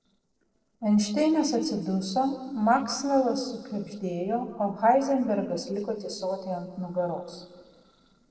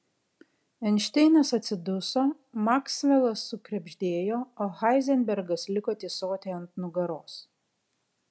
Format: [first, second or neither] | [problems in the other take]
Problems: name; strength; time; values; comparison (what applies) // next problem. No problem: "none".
second | noise reduction (neural separator model SepFormer DNS4)